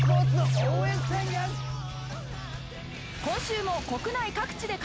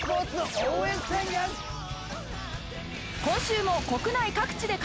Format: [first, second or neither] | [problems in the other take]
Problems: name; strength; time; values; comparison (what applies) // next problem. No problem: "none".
second | background sound (Keyboard (musical)); 2 dB above the speech